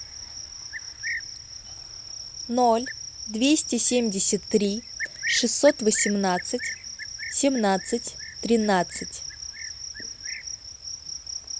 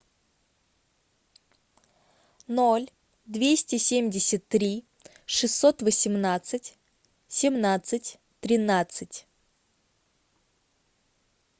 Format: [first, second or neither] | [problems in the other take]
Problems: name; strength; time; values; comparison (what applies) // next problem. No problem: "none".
second | background sound (Cricket); 9 dB below the speech